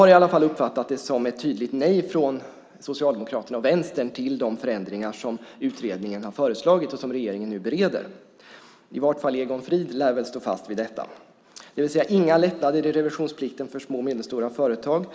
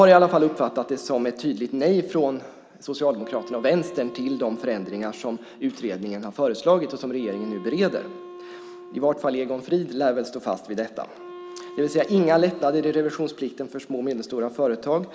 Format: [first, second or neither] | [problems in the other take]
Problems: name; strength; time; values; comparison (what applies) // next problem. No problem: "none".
first | background sound (Wind instrument, woodwind instrument); 19 dB below the speech